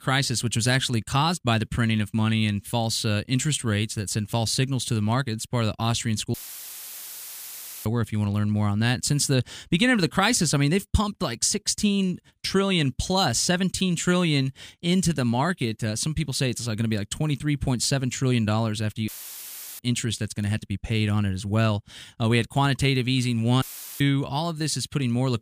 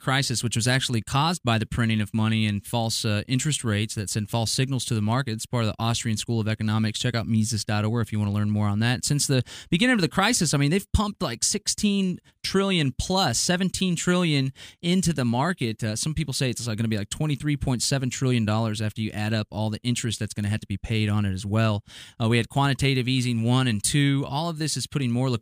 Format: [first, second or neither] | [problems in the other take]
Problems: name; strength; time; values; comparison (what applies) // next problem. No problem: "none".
second | audio cutting out; filled with static; at 6.5 s for 1.5 s, at 19 s for 0.5 s and at 24 s